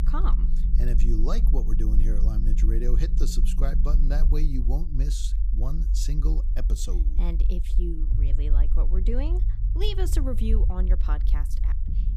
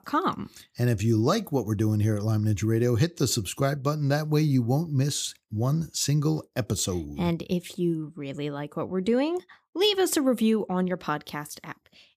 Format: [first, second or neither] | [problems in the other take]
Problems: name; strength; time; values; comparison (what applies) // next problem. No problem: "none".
second | low rumble; loud; throughout; 9 dB below the speech